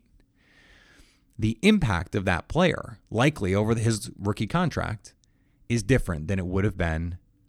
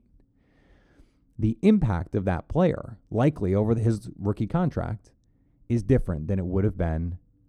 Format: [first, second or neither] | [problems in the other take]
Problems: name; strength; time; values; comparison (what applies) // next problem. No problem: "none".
first | muffled; slightly; fading above 1 kHz